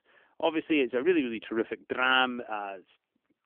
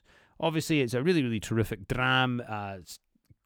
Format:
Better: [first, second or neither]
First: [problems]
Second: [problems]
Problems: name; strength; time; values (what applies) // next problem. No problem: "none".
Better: second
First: phone-call audio; nothing above 3 kHz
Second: none